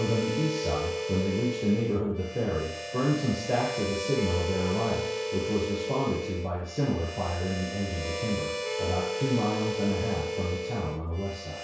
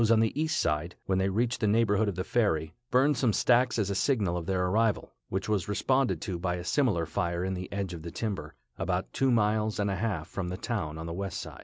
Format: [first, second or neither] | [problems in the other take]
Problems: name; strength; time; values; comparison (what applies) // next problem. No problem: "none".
second | background sound (Harmonica); 4 dB below the speech // room echo; dies away in 0.6 s